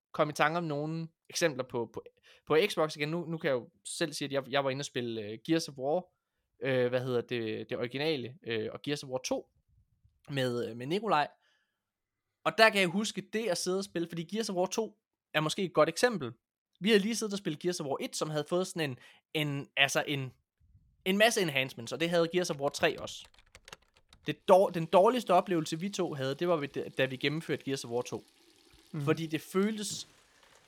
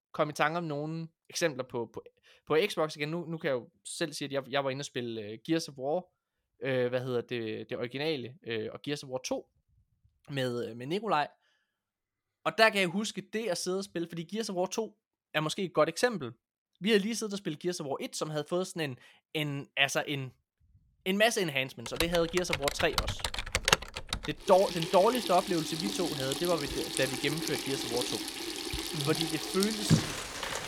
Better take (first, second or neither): first